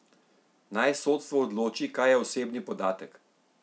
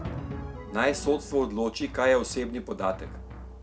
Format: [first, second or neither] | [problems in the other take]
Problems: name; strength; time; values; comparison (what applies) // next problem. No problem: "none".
first | background sound (Drum); 10 dB below the speech